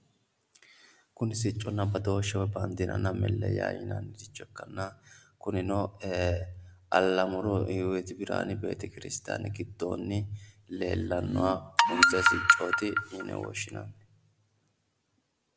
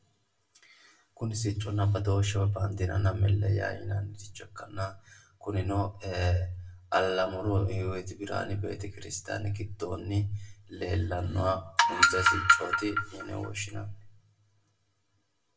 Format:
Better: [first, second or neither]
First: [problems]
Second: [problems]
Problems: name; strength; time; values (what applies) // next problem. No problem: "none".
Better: first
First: none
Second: room echo; dies away in 0.1 s